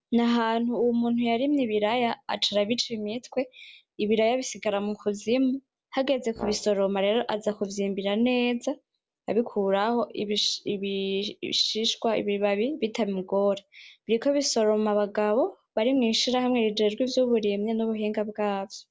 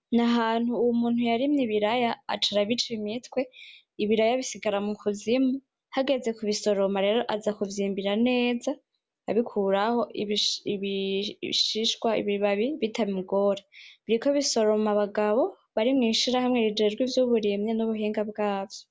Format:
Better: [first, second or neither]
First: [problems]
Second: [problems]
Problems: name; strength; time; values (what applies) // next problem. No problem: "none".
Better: second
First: noise reduction (neural separator model SepFormer DNS4)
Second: none